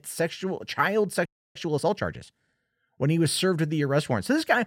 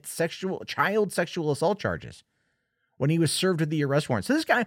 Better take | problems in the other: second | audio freezing; at 1.5 s

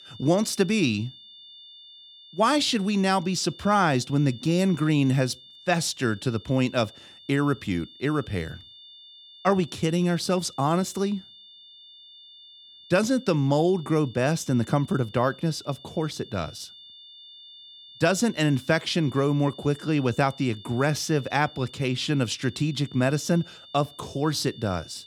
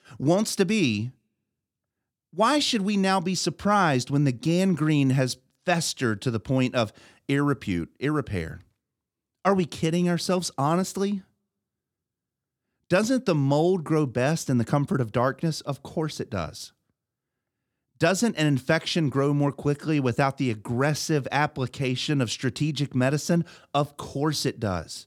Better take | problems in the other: second | high-pitched whine; faint; throughout; 3.5 kHz, 20 dB below the speech

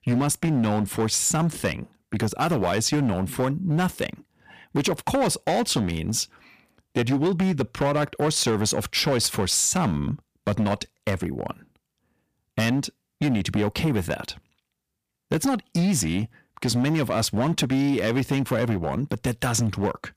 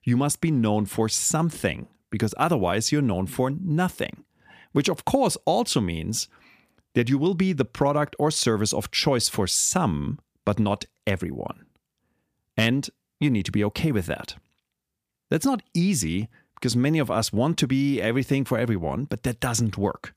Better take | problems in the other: second | distortion; slight; 11% of the sound clipped

